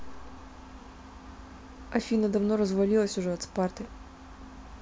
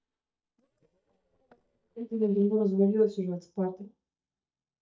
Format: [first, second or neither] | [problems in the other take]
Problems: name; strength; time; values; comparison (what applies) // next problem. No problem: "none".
first | noise reduction (neural mask model DeepFilterNet 3)